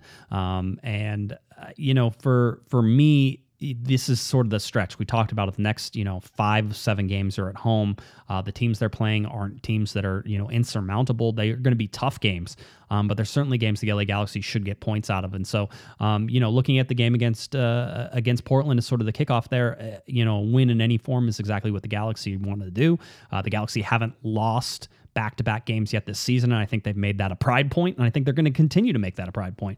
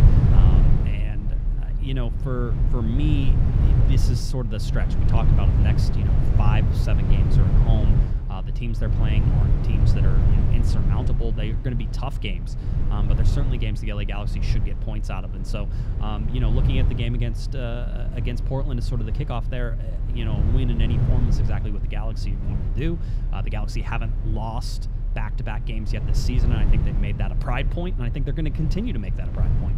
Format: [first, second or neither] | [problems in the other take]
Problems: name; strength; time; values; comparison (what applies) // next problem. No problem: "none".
first | low rumble; loud; throughout; 2 dB below the speech